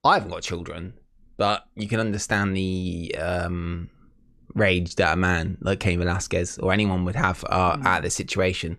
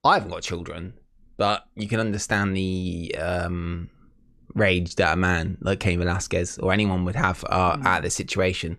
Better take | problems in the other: neither | none

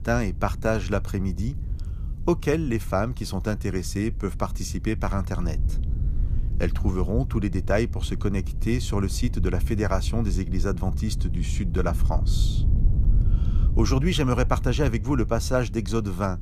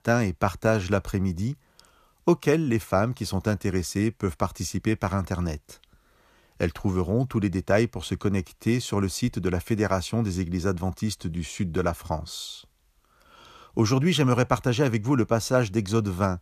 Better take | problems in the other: second | wind noise on the microphone; occasional gusts; 15 dB below the speech

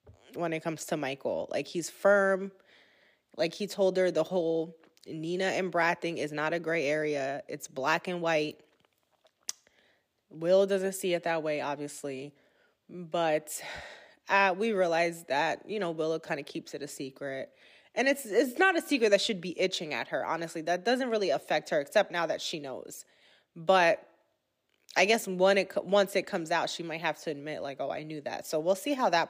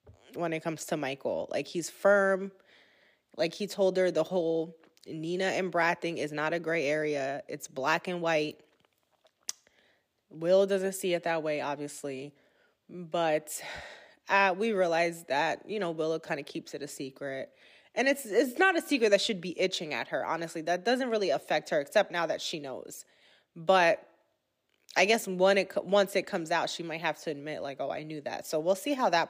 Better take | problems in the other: neither | thin; somewhat; fading below 900 Hz; the same in both

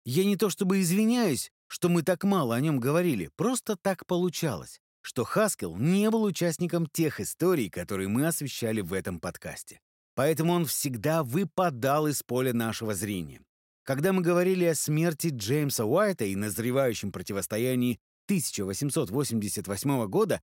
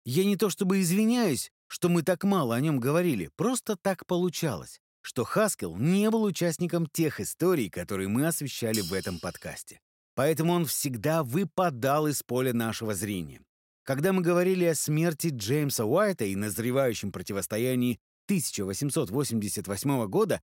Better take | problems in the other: first | clattering dishes; noticeable; at 8.5 s; peak 6 dB below the speech

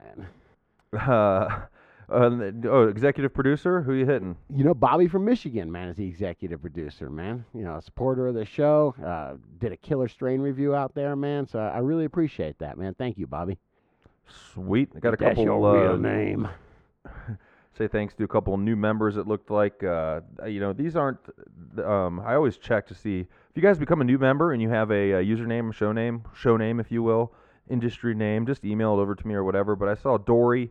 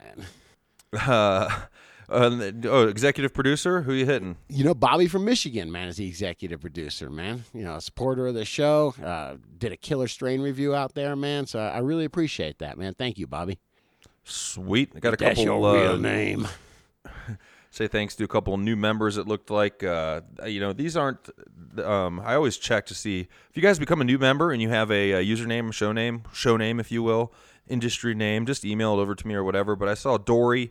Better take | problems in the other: second | muffled; very; fading above 3 kHz

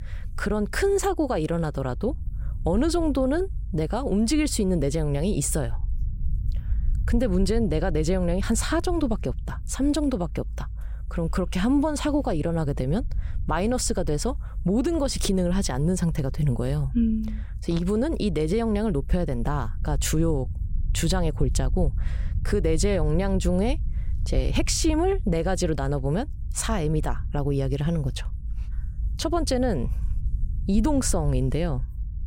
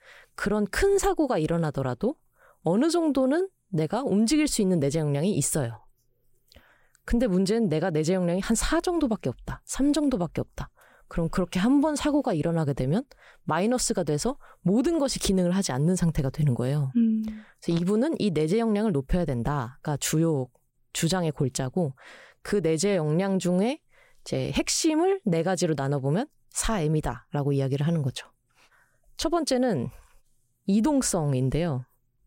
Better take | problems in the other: second | low rumble; faint; throughout; 25 dB below the speech

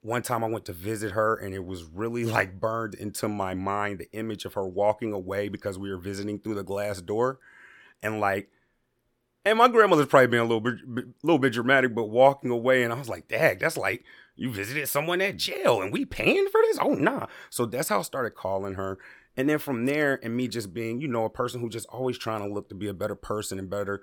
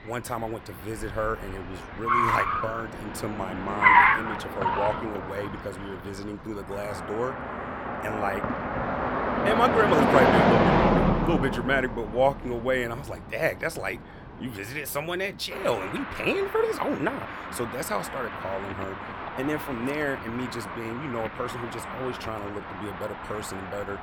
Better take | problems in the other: first | traffic noise; very loud; throughout; 3 dB above the speech

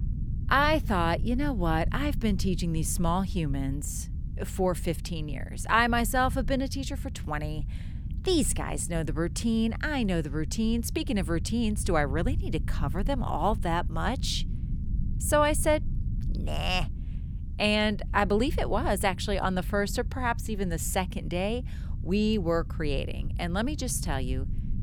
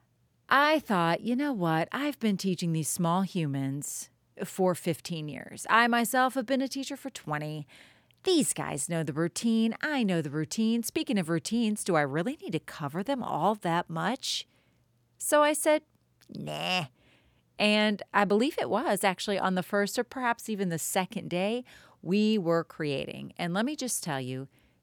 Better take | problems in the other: second | low rumble; faint; throughout; 20 dB below the speech

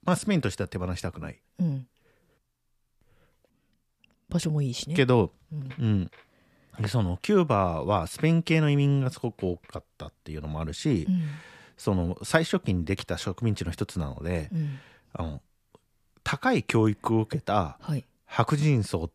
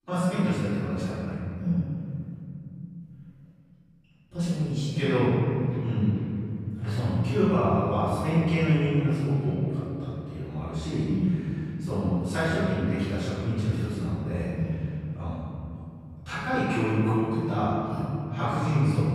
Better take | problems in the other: first | off-mic speech; far // room echo; strong; dies away in 3 s

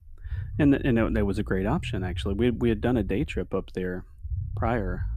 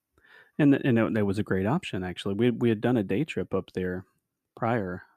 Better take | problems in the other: second | low rumble; faint; throughout; 20 dB below the speech

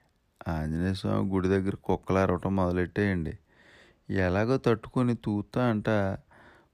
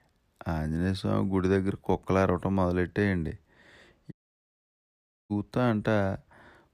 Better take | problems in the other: first | audio cutting out; at 4 s for 1 s

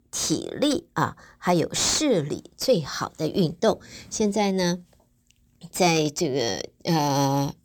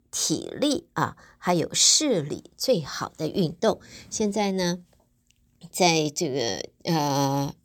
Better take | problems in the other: second | distortion; slight; 10 dB below the speech

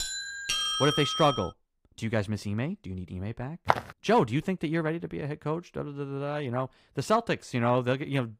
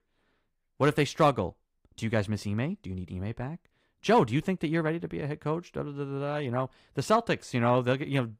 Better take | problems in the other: second | doorbell; loud; until 1.5 s; peak 3 dB above the speech // footsteps; loud; at 3.5 s; peak 1 dB above the speech

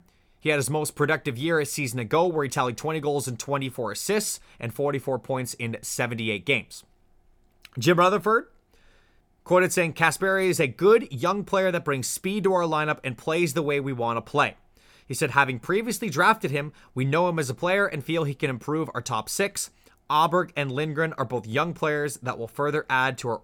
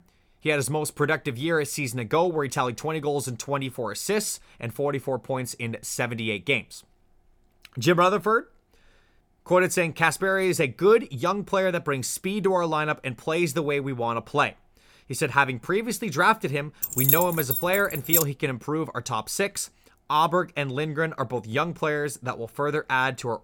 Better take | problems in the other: first | jangling keys; loud; from 17 to 18 s; peak 5 dB above the speech

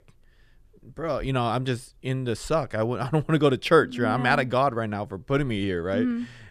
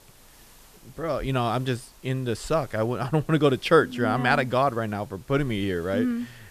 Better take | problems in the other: first | hiss; faint; throughout; 25 dB below the speech

